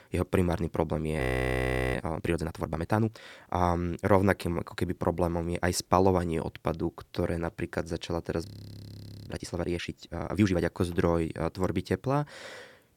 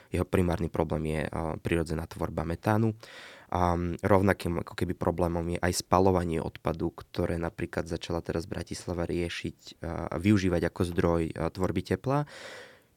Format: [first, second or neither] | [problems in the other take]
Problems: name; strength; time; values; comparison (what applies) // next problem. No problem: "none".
second | audio freezing; at 1 s for 0.5 s and at 8.5 s for 1 s